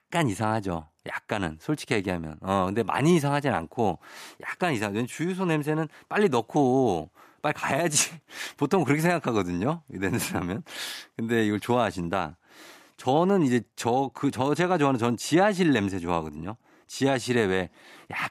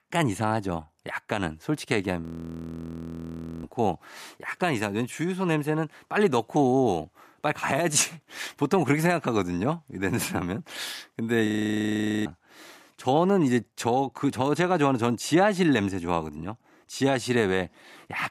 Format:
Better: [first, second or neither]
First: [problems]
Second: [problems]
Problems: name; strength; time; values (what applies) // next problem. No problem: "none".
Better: first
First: none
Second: audio freezing; at 2 s for 1.5 s and at 11 s for 1 s